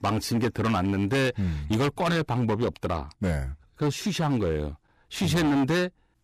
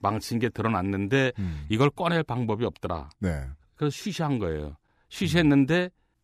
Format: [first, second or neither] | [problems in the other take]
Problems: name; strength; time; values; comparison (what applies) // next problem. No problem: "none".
second | distortion; heavy; 15% of the sound clipped